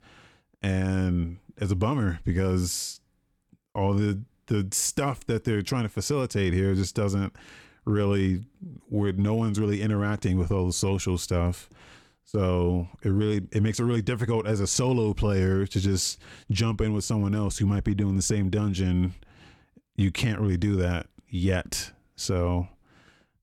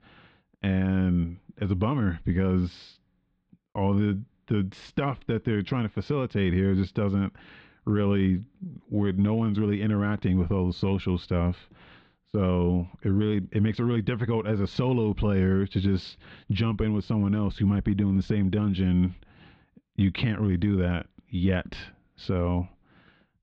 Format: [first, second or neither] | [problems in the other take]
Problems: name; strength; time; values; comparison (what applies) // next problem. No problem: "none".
first | muffled; very; fading above 4 kHz